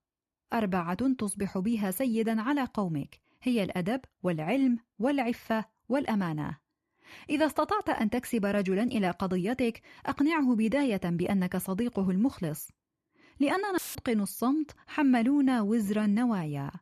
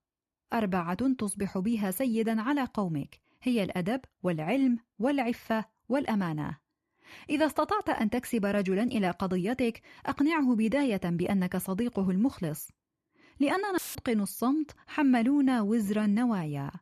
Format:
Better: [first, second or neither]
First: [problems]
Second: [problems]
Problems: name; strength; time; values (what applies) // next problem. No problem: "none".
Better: neither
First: audio cutting out; filled with static; at 14 s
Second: audio cutting out; filled with static; at 14 s